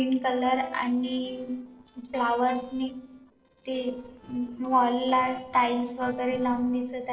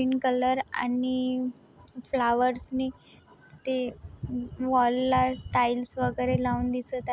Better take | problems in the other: second | noise reduction (neural separator model SepFormer DNS4)

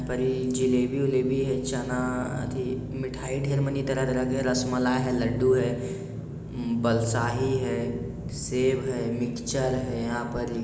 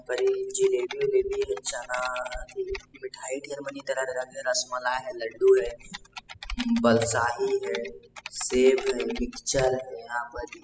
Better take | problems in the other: first | noise reduction (classical method spectral subtraction)

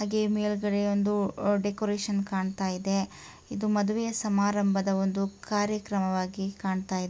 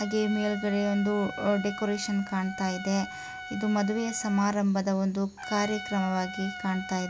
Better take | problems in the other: first | background sound (Trumpet); 12 dB below the speech

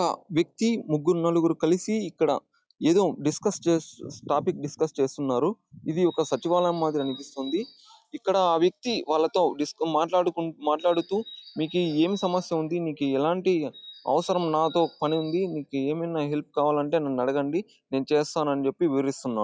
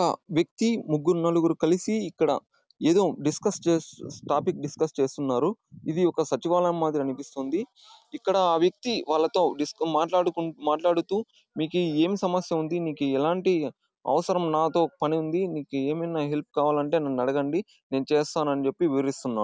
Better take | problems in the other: second | noise reduction (classical method log-MMSE)

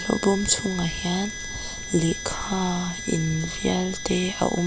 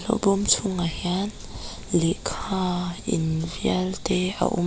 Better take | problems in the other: second | background sound (Harmonica); 10 dB below the speech

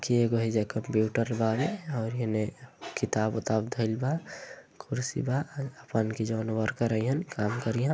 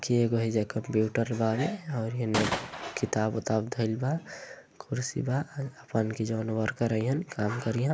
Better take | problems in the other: first | background sound (Gunshot, gunfire); 3 dB below the speech

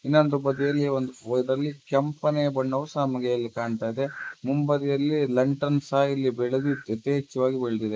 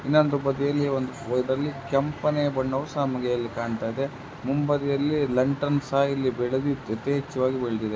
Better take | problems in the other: second | noise reduction (neural mask model Resemble Enhance denoiser)

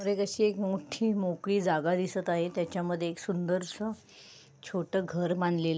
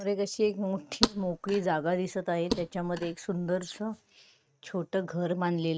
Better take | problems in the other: first | noise reduction (neural mask model RNNoise)

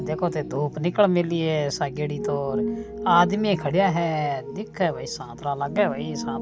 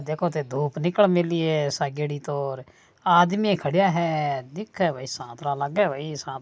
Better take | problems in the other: second | background sound (Piano); 8 dB below the speech

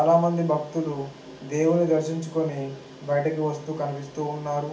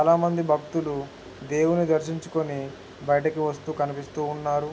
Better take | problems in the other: second | room echo; dies away in 0.4 s

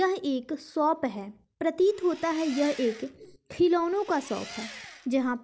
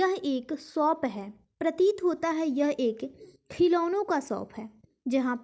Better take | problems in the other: second | background sound (Engine); 17 dB below the speech

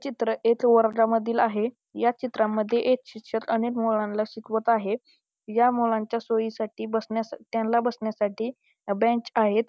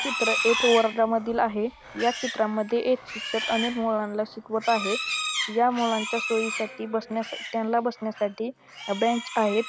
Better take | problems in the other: first | background sound (Livestock, farm animals, working animals); 7 dB below the speech

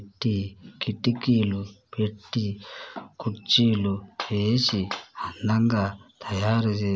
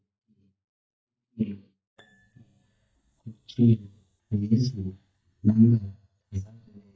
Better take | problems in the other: first | noise reduction (neural mask model DeepFilterNet 3)

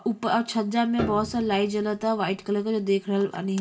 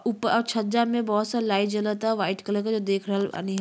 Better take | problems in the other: second | background sound (Piano); 13 dB below the speech // room echo; dies away in 0.2 s

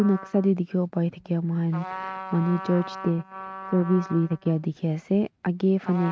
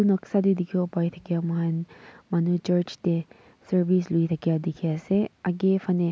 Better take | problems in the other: second | noise reduction (neural mask model RNNoise)

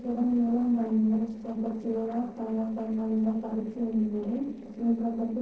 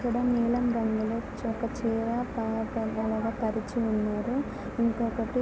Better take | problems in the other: second | noise reduction (neural separator model SepFormer DNS4)

